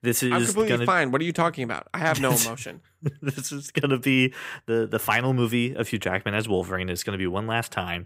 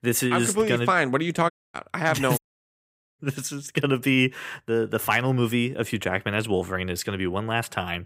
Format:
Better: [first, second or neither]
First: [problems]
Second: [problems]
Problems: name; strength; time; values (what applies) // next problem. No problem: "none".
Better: first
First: none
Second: audio cutting out; at 1.5 s and at 2.5 s for 1 s